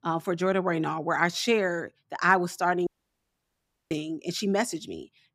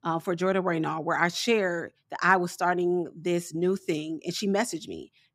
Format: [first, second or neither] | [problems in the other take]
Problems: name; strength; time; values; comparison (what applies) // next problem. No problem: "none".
second | audio cutting out; at 3 s for 1 s